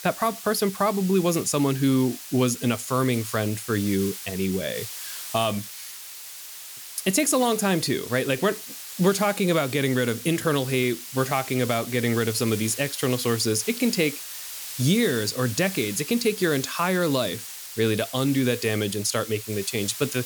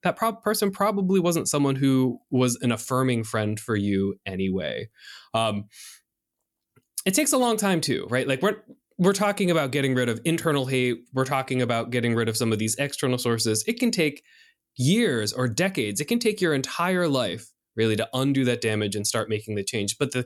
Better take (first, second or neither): second